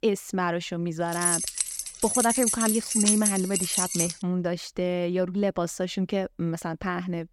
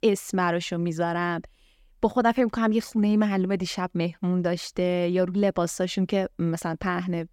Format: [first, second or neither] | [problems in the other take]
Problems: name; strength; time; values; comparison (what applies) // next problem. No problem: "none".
second | jangling keys; loud; from 1 to 4 s; peak 6 dB above the speech